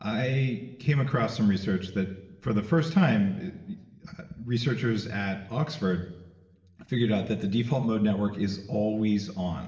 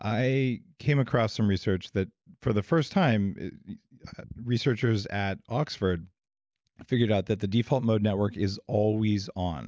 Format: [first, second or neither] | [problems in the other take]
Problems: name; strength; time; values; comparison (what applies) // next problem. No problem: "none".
second | room echo; dies away in 1.1 s